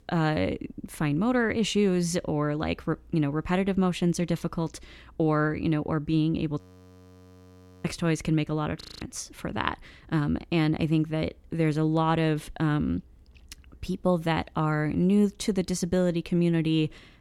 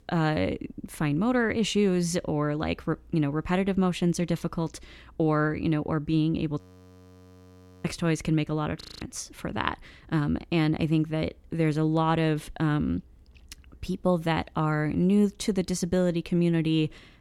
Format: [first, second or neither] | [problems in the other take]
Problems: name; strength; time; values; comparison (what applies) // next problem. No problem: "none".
neither | audio freezing; at 6.5 s for 1.5 s and at 9 s; the same in both